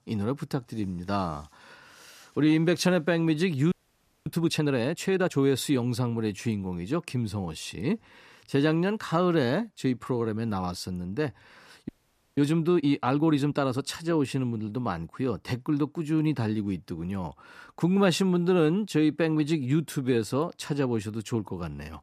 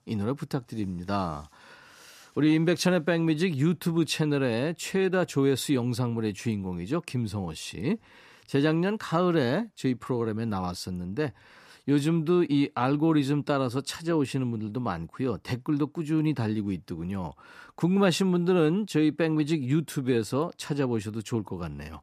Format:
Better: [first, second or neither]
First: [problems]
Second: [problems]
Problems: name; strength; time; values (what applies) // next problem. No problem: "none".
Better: second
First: audio freezing; at 3.5 s for 0.5 s and at 12 s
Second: none